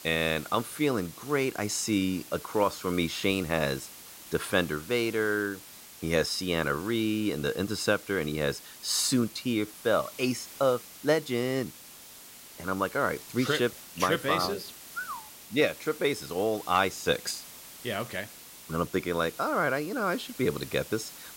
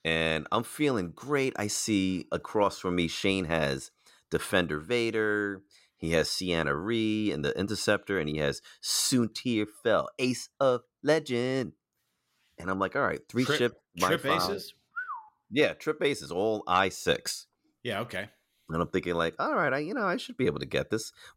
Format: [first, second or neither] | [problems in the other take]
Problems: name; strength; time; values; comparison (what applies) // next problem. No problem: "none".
second | hiss; noticeable; throughout; 15 dB below the speech